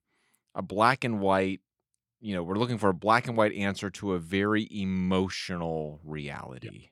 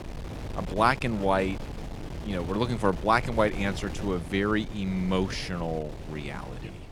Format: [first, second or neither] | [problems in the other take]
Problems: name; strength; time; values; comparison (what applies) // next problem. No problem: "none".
first | wind noise on the microphone; occasional gusts; 15 dB below the speech